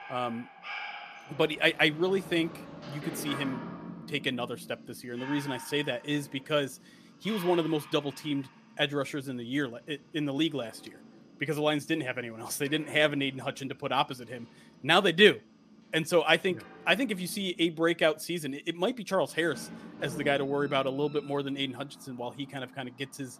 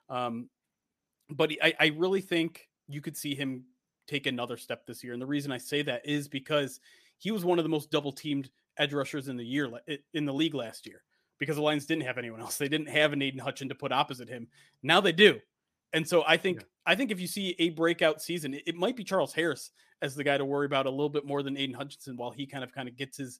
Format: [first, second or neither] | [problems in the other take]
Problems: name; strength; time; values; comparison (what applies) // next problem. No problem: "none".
second | animal sounds; noticeable; throughout; 15 dB below the speech